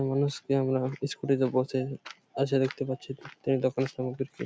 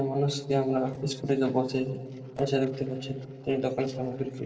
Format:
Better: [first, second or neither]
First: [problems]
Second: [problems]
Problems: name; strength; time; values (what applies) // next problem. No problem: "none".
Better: first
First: none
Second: noise reduction (neural separator model SepFormer DNS4)